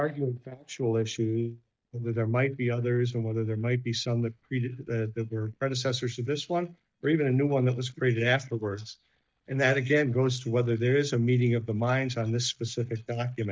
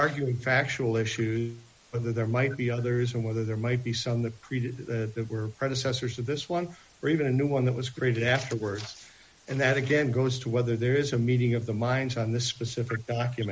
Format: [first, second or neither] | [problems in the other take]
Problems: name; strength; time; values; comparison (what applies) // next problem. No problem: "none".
second | noise reduction (neural mask model DeepFilterNet 3)